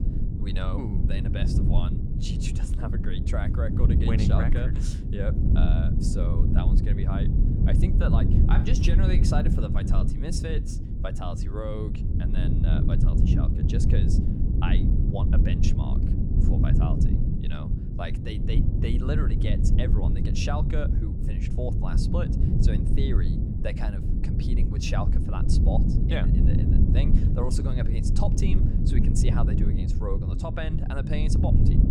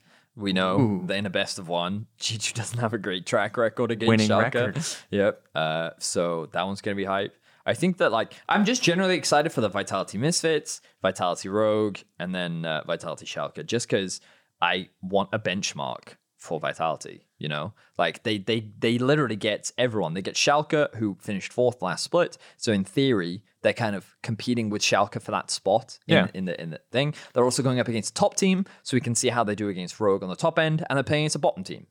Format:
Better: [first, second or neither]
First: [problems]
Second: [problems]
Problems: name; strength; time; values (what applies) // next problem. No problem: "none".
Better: second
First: low rumble; loud; throughout; as loud as the speech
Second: none